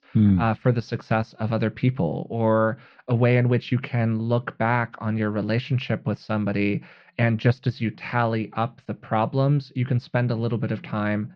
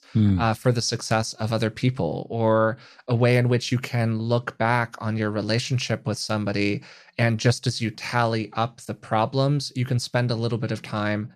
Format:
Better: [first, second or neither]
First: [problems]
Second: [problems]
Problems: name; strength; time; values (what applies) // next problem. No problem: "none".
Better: second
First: muffled; slightly; fading above 3 kHz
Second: none